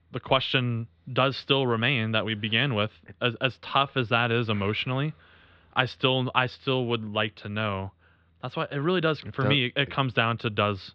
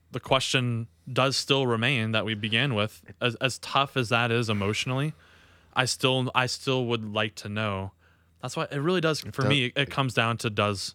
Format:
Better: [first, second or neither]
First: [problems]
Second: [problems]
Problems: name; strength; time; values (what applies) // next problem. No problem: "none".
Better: second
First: muffled; slightly; fading above 3.5 kHz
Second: none